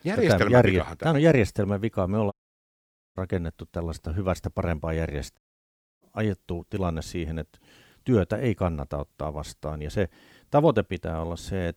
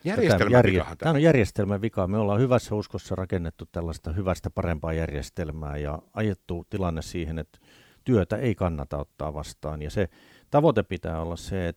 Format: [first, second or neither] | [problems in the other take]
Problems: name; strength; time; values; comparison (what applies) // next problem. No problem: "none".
second | audio cutting out; at 2.5 s for 1 s and at 5.5 s for 0.5 s